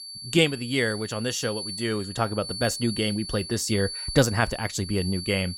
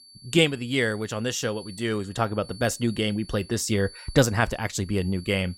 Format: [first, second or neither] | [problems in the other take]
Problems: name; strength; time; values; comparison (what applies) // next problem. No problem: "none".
second | high-pitched whine; loud; throughout; 4.5 kHz, 8 dB below the speech; faint in the second